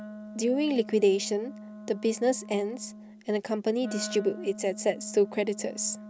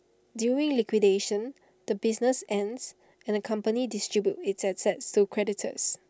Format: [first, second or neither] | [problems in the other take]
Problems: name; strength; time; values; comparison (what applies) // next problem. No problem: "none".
second | background sound (Wind instrument, woodwind instrument); 14 dB below the speech